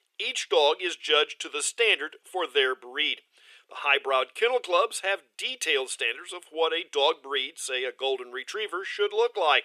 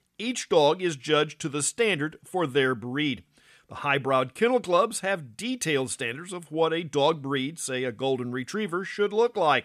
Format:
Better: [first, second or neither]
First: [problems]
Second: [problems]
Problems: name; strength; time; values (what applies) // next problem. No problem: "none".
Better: second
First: thin; very; fading below 400 Hz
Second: none